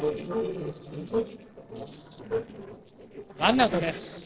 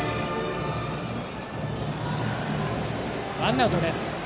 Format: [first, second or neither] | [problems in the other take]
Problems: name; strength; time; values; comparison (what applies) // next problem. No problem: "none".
second | noise reduction (neural separator model SepFormer DNS4)